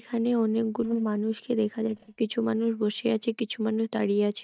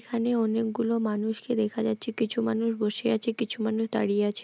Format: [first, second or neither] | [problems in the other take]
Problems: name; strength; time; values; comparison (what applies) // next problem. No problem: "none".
second | noise reduction (neural mask model DeepFilterNet 3)